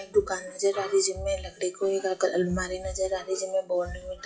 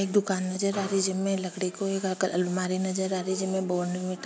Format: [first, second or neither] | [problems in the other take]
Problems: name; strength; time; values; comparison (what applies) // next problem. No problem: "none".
second | noise reduction (classical method WPE with log-MMSE)